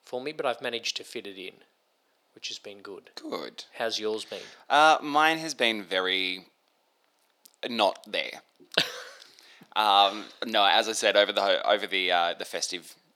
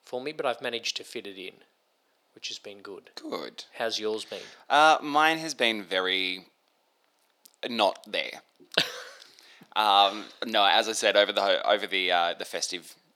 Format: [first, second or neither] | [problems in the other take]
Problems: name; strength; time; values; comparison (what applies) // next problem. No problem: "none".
neither | thin; somewhat; fading below 300 Hz; the same in both